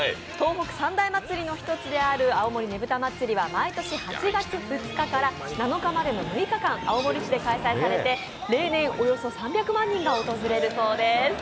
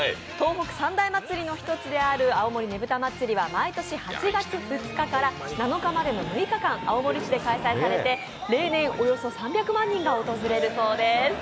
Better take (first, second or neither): second